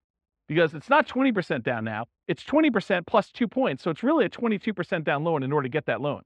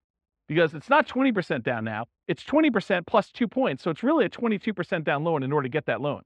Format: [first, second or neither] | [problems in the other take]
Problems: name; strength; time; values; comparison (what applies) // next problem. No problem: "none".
neither | muffled; slightly; fading above 2.5 kHz; the same in both